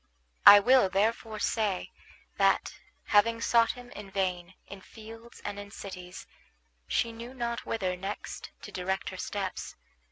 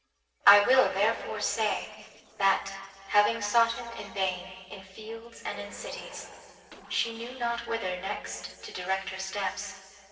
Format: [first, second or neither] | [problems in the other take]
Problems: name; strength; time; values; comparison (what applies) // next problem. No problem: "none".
first | noise reduction (neural separator model SepFormer DNS4)